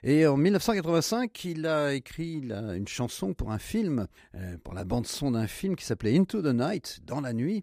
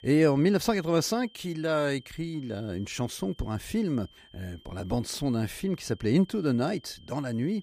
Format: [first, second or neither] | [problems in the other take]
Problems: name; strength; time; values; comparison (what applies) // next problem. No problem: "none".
first | high-pitched whine; faint; throughout; 3 kHz, 25 dB below the speech